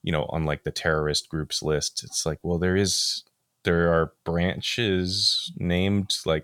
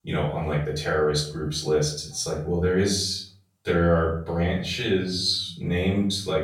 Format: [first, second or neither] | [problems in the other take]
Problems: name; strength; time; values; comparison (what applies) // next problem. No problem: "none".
first | off-mic speech; far // room echo; noticeable; dies away in 0.5 s